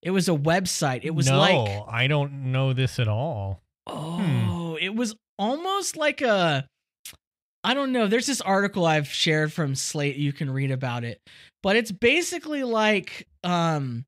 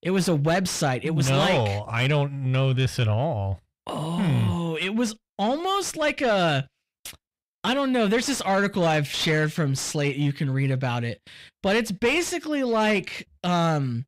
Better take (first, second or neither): first